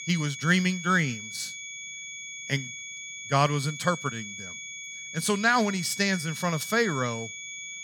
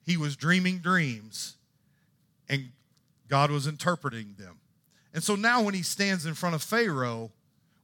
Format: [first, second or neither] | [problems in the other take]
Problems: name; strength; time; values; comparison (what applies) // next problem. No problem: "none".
second | high-pitched whine; loud; throughout; 2.5 kHz, 10 dB below the speech